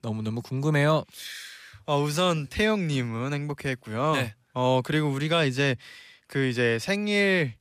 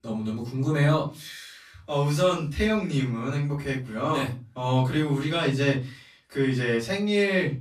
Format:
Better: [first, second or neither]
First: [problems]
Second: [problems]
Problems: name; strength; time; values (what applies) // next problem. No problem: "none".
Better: first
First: none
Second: room echo; slight; dies away in 0.3 s // off-mic speech; far